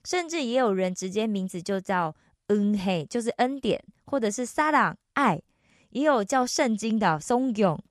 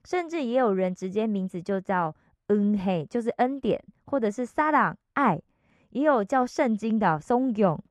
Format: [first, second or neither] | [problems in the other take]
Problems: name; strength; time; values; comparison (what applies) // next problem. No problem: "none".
first | muffled; slightly; fading above 3 kHz